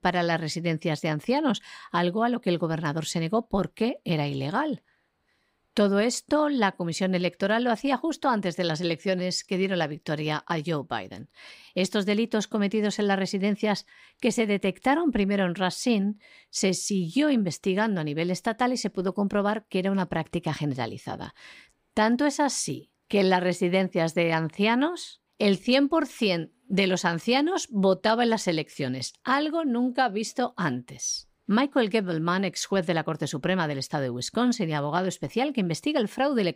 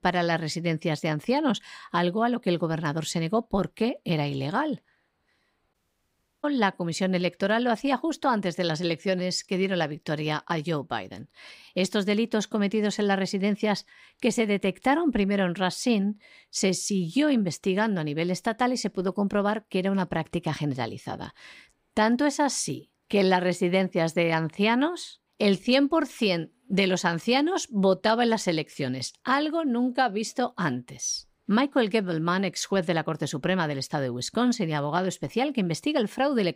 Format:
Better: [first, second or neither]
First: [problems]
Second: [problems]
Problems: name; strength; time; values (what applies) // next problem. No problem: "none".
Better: first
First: none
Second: audio cutting out; at 5.5 s for 0.5 s